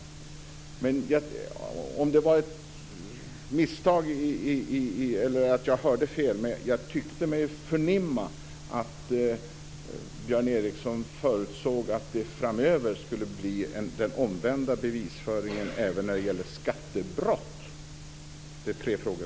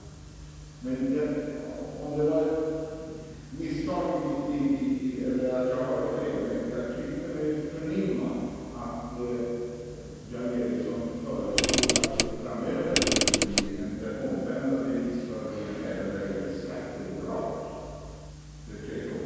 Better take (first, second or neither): first